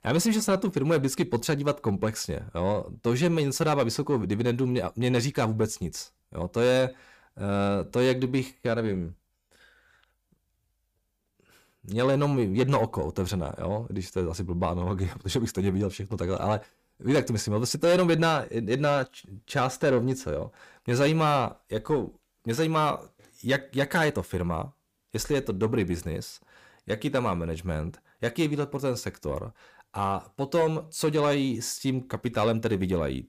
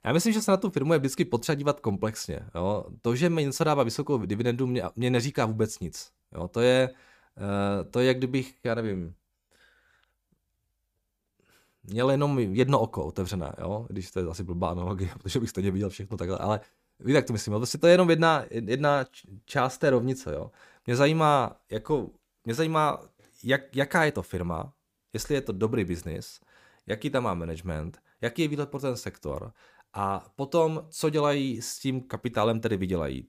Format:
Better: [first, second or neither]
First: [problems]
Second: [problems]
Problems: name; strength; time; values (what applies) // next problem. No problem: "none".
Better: second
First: distortion; slight; 10 dB below the speech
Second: none